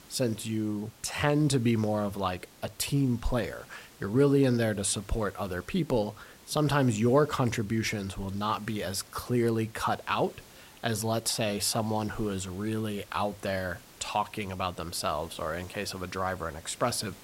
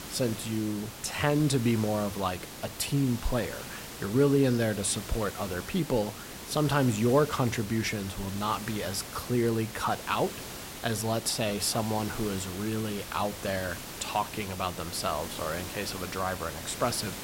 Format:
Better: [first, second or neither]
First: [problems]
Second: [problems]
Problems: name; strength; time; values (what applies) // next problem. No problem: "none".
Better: first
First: hiss; faint; throughout; 20 dB below the speech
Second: hiss; loud; throughout; 10 dB below the speech